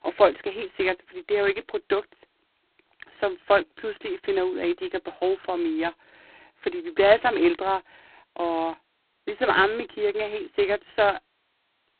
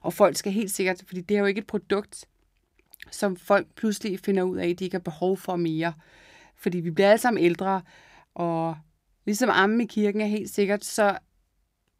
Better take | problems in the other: second | phone-call audio; poor line; nothing above 4 kHz

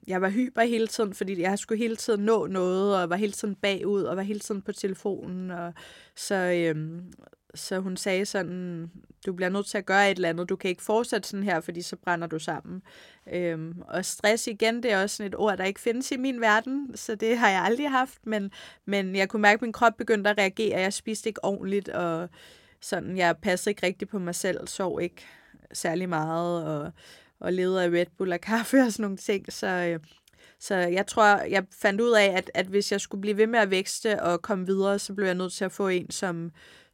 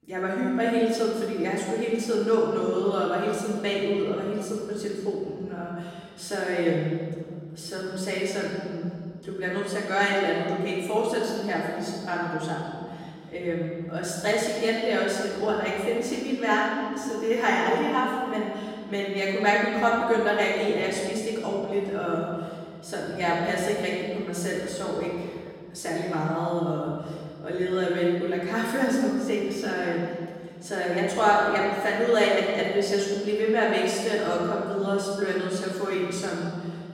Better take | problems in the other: first | off-mic speech; far // room echo; strong; dies away in 1.9 s

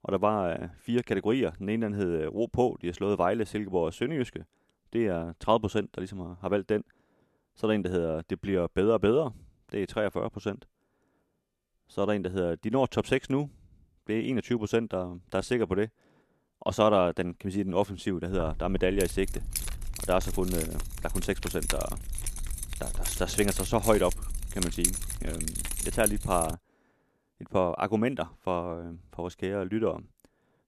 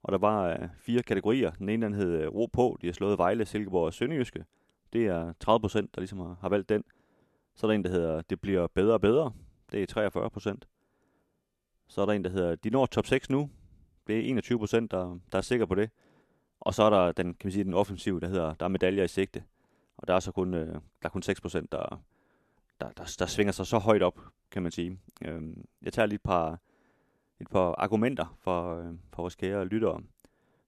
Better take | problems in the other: second | jangling keys; loud; from 18 to 27 s; peak 2 dB above the speech

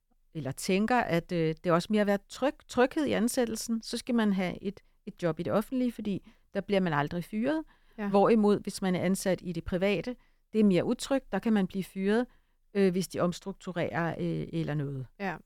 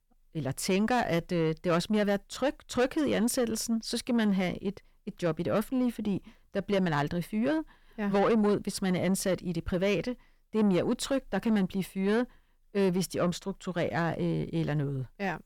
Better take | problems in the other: first | distortion; slight; 10 dB below the speech

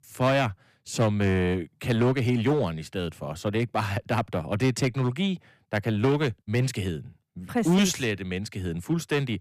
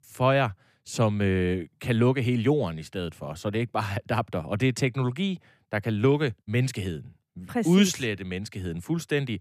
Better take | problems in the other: second | distortion; slight; 8% of the sound clipped

